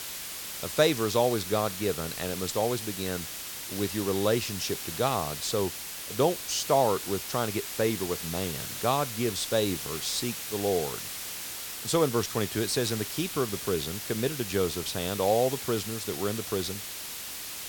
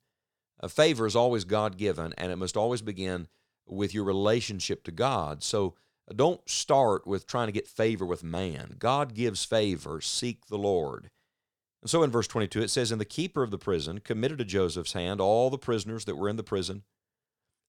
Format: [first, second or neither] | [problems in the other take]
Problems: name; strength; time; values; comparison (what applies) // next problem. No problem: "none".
second | hiss; loud; throughout; 5 dB below the speech